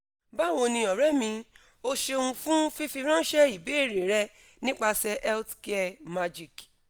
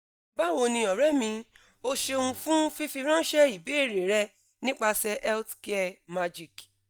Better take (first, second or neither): first